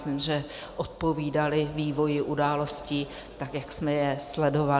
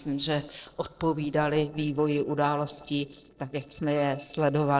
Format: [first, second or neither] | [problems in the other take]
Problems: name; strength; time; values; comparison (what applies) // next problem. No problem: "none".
first | noise reduction (neural separator model SepFormer DNS4)